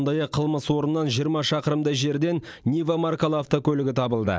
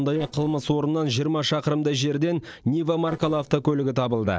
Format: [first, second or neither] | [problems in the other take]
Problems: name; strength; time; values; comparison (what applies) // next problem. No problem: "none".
first | noise reduction (neural separator model SepFormer DNS4)